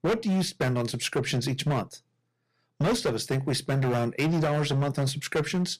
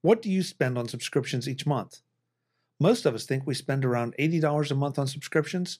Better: second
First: distortion; heavy; 16% of the sound clipped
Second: none

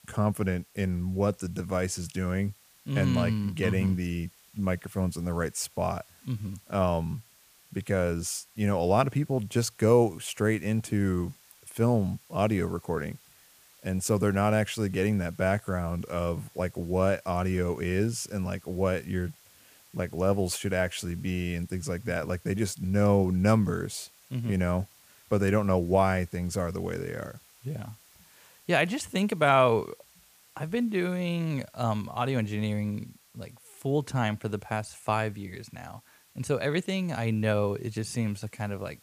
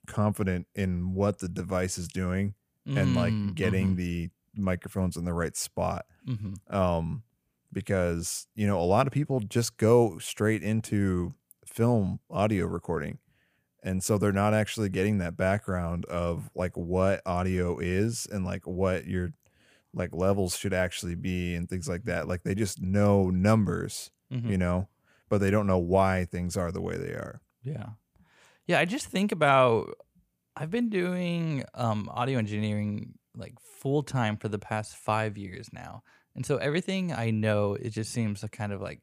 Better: second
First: hiss; faint; throughout; 25 dB below the speech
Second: none

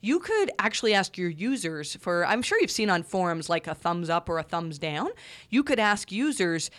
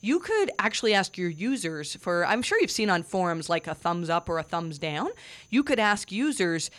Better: first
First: none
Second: high-pitched whine; faint; throughout; 6.5 kHz, 30 dB below the speech

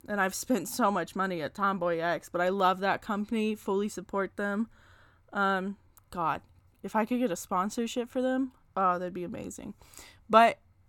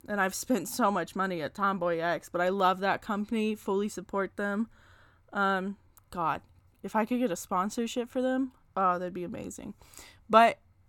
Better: neither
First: none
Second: none

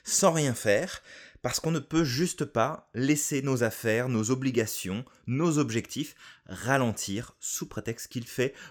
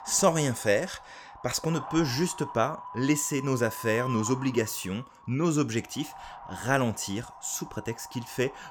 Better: first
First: none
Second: wind noise on the microphone; occasional gusts; 10 dB below the speech

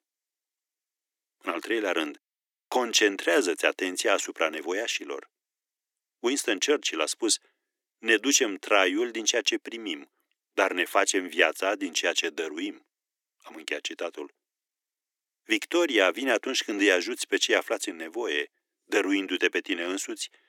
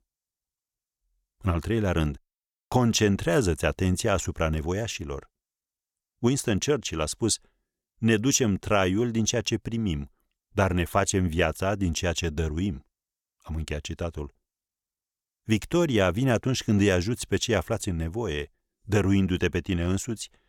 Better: second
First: thin; somewhat; fading below 300 Hz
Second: none

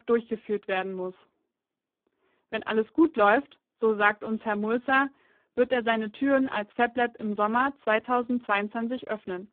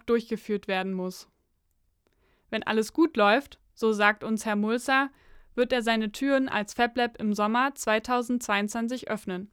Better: second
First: phone-call audio; poor line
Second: none

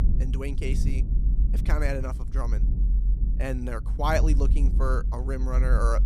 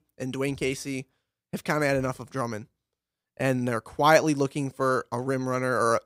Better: second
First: low rumble; noticeable; throughout; 10 dB below the speech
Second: none

